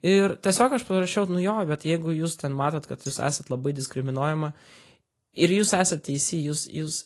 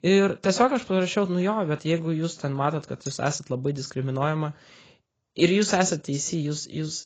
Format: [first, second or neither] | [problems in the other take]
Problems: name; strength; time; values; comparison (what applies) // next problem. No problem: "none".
first | garbled, watery; badly; nothing above 7.5 kHz; slightly in the first